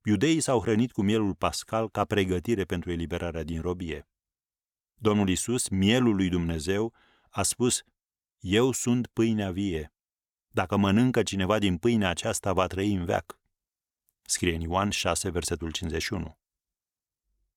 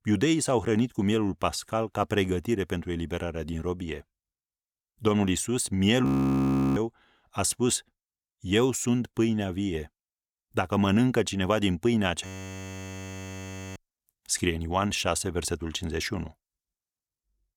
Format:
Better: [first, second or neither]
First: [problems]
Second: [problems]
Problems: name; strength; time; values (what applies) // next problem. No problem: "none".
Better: first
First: none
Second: audio freezing; at 6 s for 0.5 s and at 12 s for 1.5 s